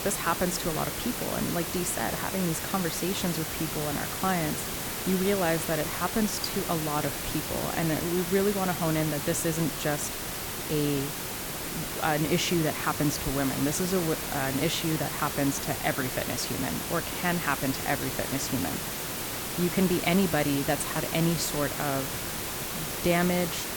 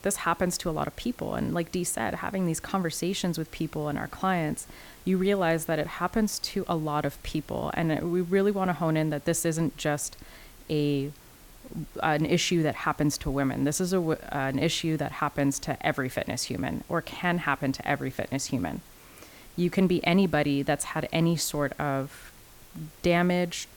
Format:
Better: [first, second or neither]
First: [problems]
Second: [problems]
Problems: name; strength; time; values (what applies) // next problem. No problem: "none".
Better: second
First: hiss; loud; throughout; 2 dB below the speech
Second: hiss; faint; throughout; 25 dB below the speech